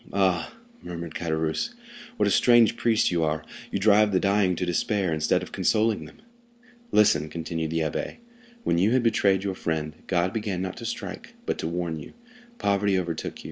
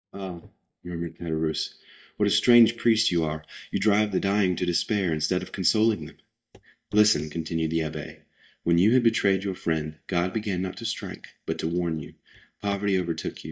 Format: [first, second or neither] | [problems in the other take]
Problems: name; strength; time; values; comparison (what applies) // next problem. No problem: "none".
first | noise reduction (neural mask model DeepFilterNet 3)